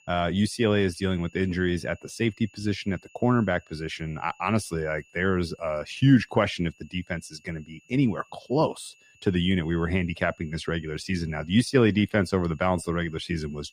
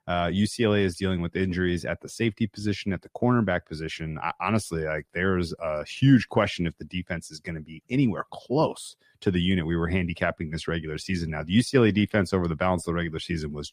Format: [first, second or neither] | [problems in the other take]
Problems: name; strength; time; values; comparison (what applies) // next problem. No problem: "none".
second | high-pitched whine; faint; throughout; 2.5 kHz, 30 dB below the speech